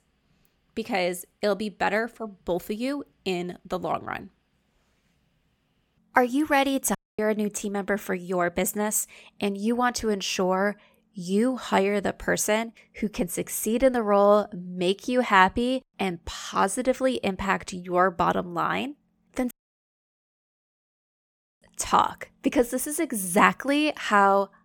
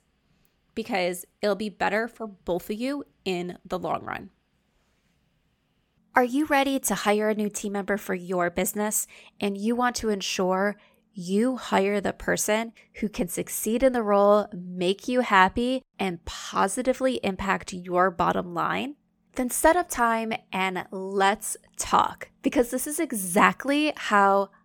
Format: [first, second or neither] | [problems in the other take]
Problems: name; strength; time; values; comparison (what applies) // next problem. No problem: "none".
second | audio cutting out; at 7 s and at 20 s for 2 s